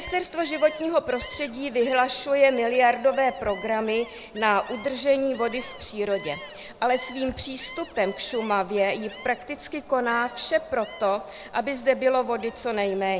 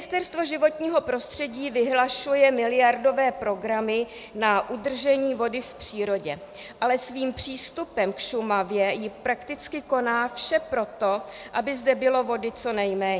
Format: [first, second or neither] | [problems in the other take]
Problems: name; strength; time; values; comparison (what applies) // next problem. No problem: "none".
second | background sound (Gull, seagull); 18 dB below the speech